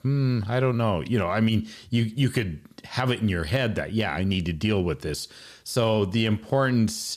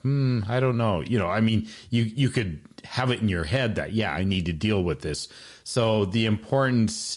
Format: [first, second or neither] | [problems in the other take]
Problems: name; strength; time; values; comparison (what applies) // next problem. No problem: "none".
first | garbled, watery; slightly; nothing above 10 kHz